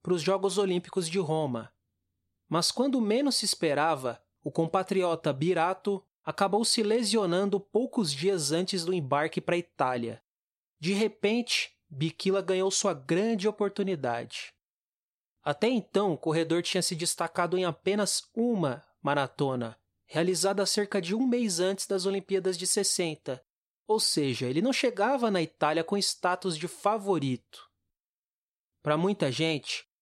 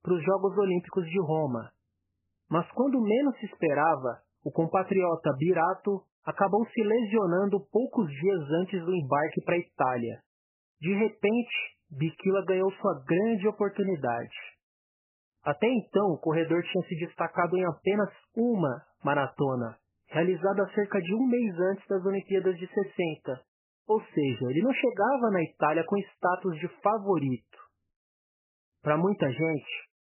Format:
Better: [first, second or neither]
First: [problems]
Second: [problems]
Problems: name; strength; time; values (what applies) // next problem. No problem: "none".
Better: first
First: none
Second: garbled, watery; badly; nothing above 3 kHz